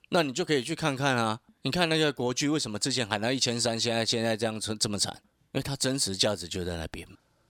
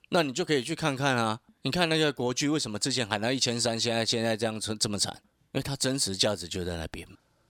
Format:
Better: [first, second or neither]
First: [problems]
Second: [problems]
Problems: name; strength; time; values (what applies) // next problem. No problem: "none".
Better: neither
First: none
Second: none